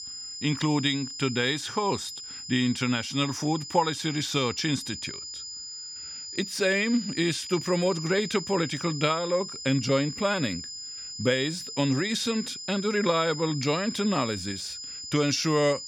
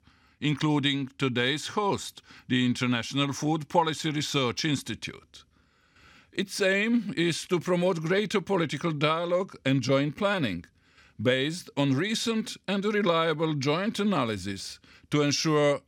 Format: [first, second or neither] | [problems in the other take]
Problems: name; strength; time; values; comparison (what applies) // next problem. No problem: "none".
second | high-pitched whine; loud; throughout; 5 kHz, 9 dB below the speech